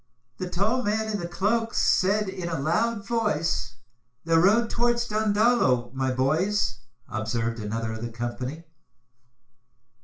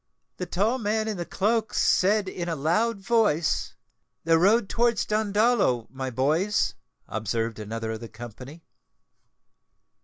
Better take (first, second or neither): second